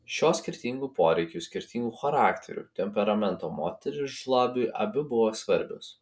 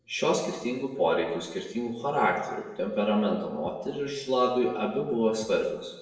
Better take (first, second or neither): first